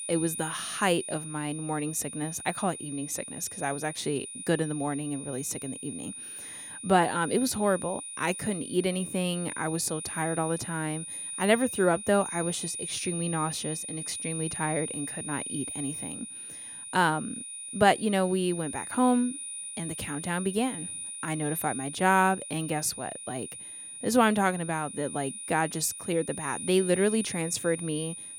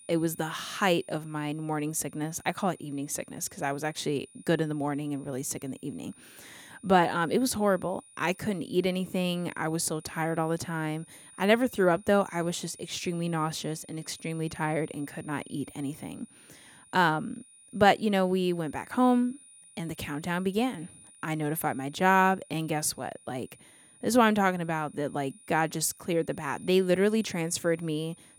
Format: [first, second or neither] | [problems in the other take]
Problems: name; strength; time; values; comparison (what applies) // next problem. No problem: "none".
second | high-pitched whine; loud; throughout; 9.5 kHz, 7 dB below the speech; faint in the second